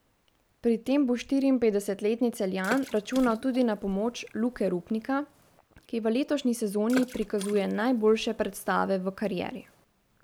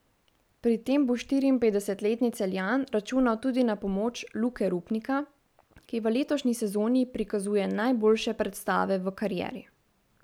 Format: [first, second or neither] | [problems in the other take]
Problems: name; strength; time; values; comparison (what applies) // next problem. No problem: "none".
second | background sound (Water / Splash, splatter); 17 dB below the speech